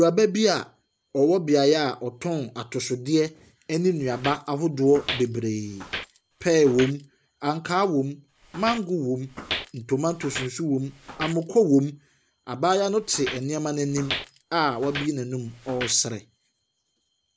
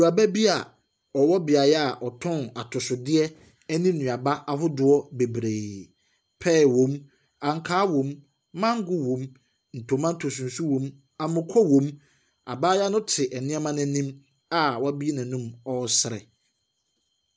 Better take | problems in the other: second | background sound (Walk, footsteps); 12 dB below the speech

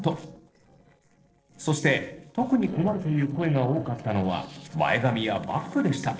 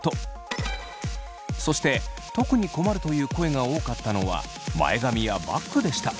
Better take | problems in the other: second | noise reduction (neural separator model SepFormer DNS4)

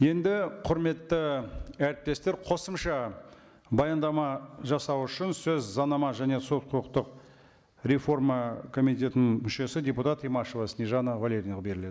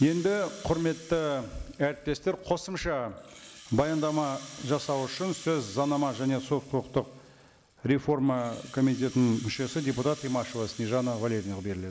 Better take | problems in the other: first | background sound (Rattle (instrument)); 19 dB below the speech

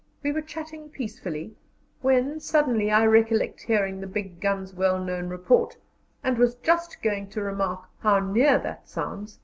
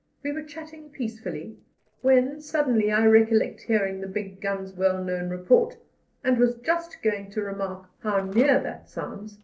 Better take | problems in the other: first | noise reduction (neural separator model SepFormer DNS4)

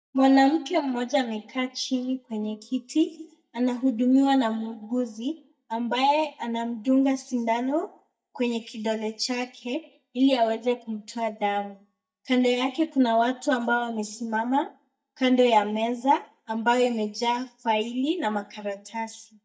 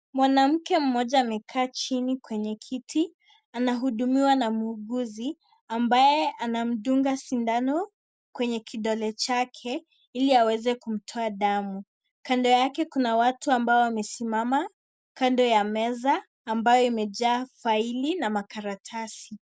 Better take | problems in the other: second | noise reduction (neural mask model DeepFilterNet 3)

